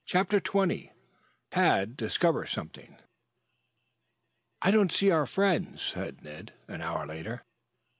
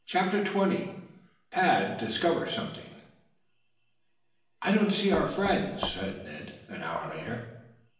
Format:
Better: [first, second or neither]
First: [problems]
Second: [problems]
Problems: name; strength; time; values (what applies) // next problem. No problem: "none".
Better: first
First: none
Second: background sound (Knock); 8 dB below the speech // room echo; dies away in 0.9 s